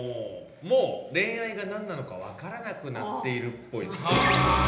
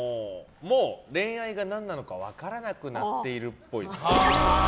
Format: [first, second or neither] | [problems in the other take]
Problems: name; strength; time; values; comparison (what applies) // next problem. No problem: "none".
second | room echo; dies away in 1 s